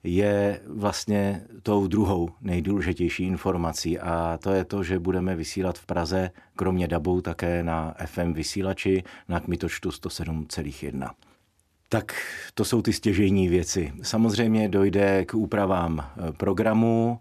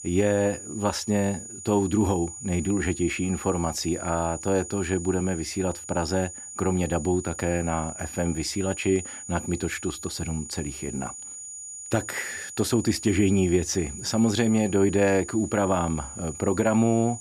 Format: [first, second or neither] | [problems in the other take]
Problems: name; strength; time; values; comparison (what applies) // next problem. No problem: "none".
first | high-pitched whine; noticeable; throughout; 7 kHz, 10 dB below the speech